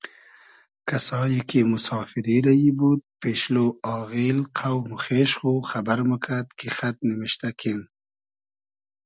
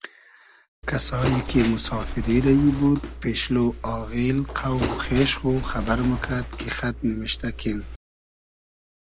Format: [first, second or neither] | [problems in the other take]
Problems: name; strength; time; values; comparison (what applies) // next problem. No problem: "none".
first | background sound (Bird); 7 dB below the speech